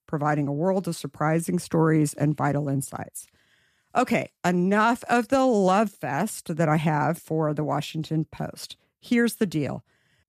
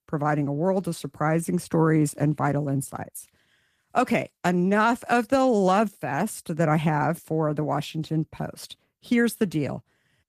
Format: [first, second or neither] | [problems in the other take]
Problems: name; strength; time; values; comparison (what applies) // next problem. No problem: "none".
first | garbled, watery; slightly; nothing above 14.5 kHz